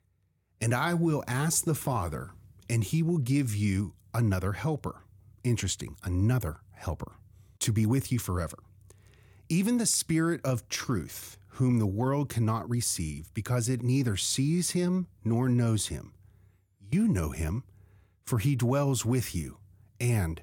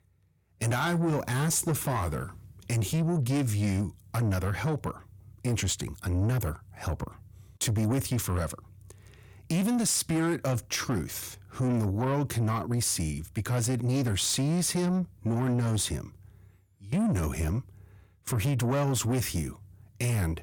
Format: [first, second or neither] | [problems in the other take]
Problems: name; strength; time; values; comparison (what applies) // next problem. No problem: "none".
first | distortion; slight; 10 dB below the speech